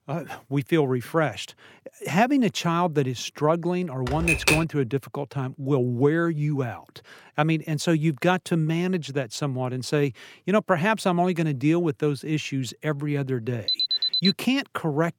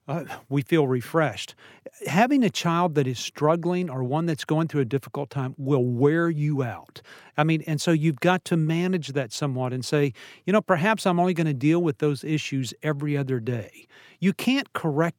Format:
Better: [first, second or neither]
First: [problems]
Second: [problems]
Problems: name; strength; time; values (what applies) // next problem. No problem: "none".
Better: second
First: keyboard typing; loud; at 4 s; peak 4 dB above the speech // alarm; loud; at 14 s; peak 4 dB above the speech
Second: none